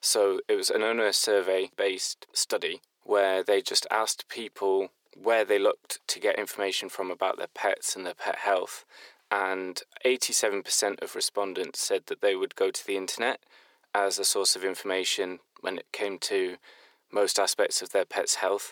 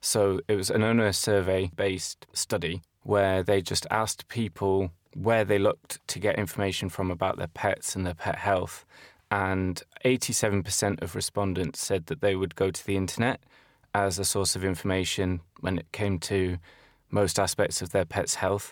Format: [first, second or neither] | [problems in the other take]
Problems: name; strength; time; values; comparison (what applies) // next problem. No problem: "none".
second | thin; somewhat; fading below 350 Hz